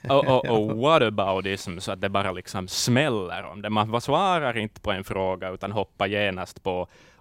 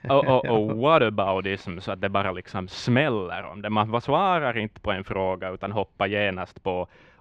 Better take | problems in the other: first | muffled; slightly; fading above 2.5 kHz

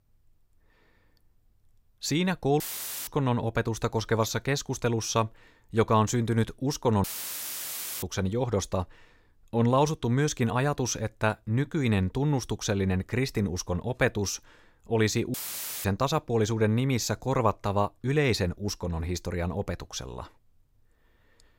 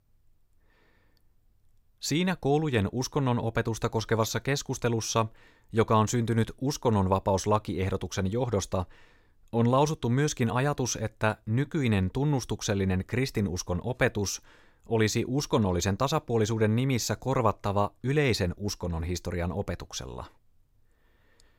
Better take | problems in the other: second | audio cutting out; filled with static; at 2.5 s, at 7 s for 1 s and at 15 s for 0.5 s

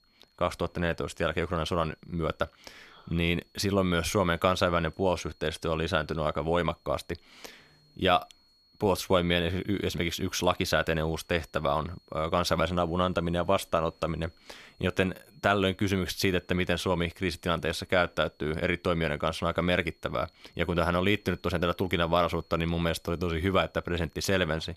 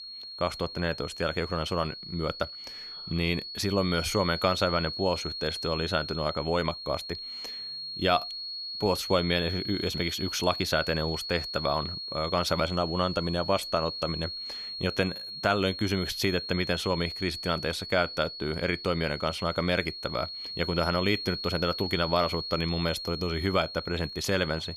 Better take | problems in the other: first | high-pitched whine; loud; throughout; 4.5 kHz, 6 dB below the speech; faint in the first

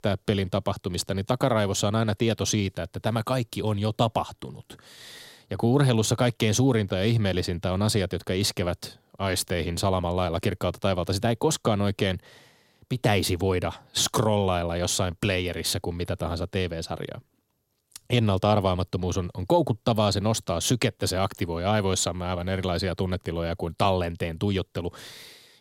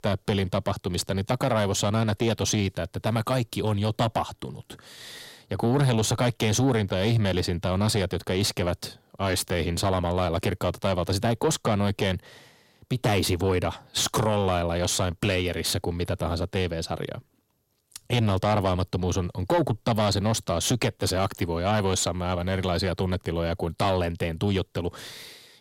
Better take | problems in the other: first | distortion; slight; 10 dB below the speech

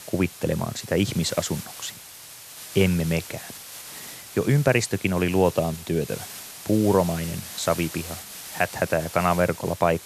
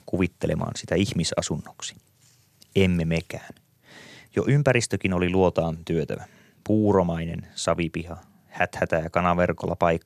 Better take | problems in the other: second | hiss; noticeable; throughout; 15 dB below the speech

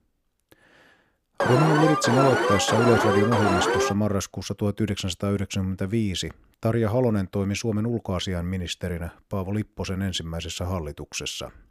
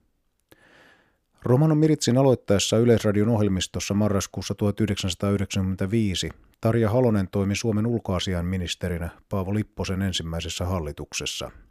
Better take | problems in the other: second | alarm; loud; from 1.5 to 4 s; peak 4 dB above the speech

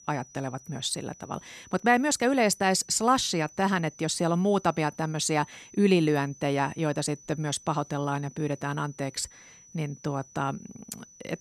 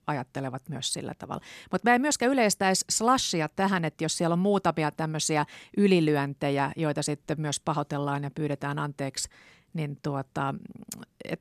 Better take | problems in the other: second | high-pitched whine; faint; throughout; 6 kHz, 25 dB below the speech

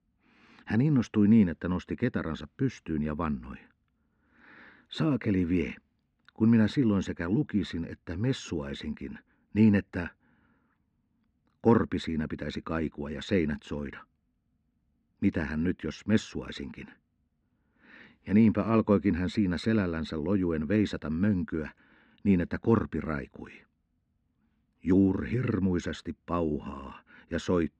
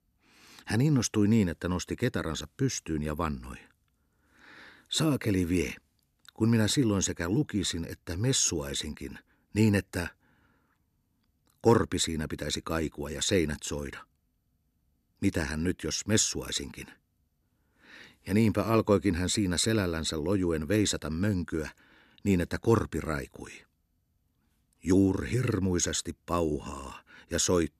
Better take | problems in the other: second | muffled; very; fading above 2.5 kHz

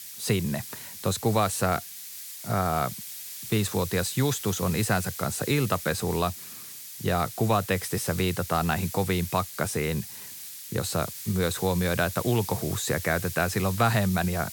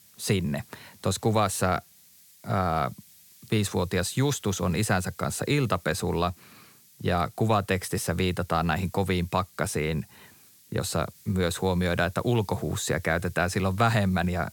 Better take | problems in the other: second | hiss; loud; throughout; 9 dB below the speech; faint in the second

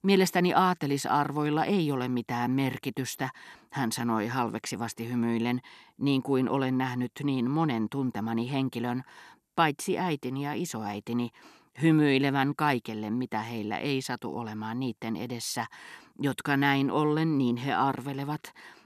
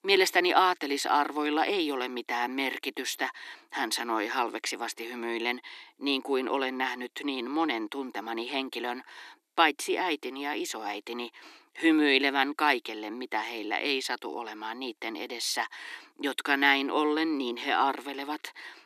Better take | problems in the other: first | thin; somewhat; fading below 300 Hz

